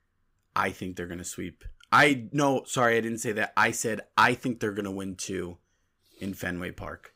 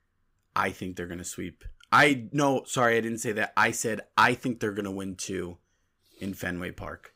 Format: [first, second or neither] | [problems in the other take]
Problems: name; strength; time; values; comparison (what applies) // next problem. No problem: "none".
neither | none